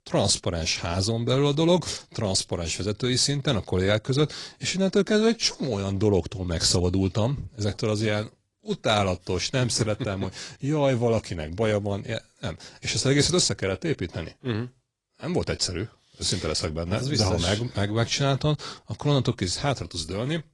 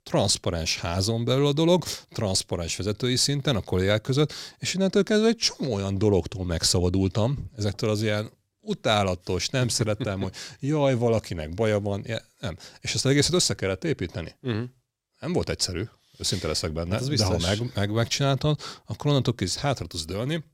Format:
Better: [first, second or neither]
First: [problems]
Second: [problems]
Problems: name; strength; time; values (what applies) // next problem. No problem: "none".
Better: second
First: garbled, watery; slightly; nothing above 10 kHz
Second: none